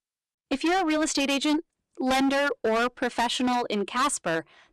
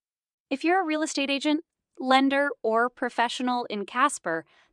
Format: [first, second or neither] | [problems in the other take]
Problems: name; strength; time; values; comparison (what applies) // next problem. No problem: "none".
second | distortion; heavy; 17% of the sound clipped